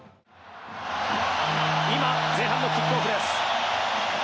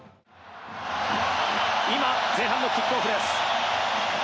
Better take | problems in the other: second | background sound (Bowed string instrument); 8 dB below the speech

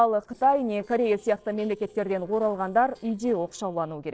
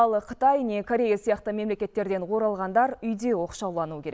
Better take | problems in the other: second | noise reduction (neural separator model SepFormer DNS4)

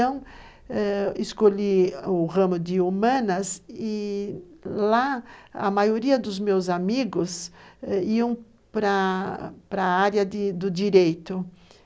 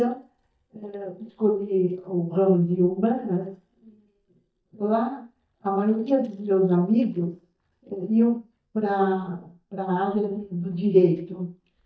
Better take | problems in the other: first | noise reduction (neural mask model DeepFilterNet 3)

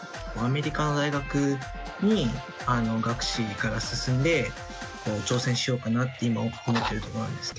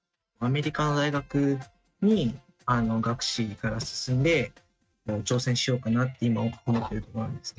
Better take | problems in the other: first | noise reduction (neural mask model RNNoise)

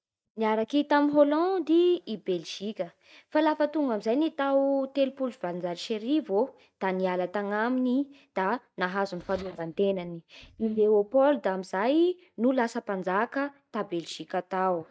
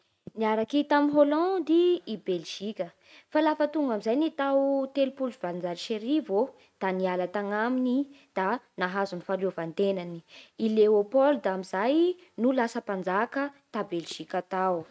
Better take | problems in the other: second | noise reduction (neural mask model DeepFilterNet 3)

